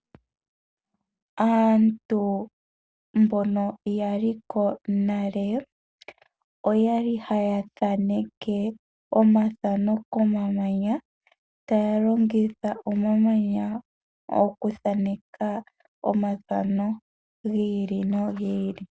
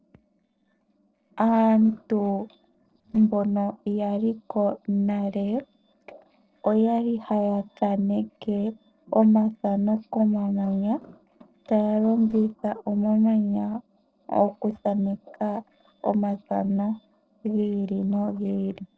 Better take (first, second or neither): first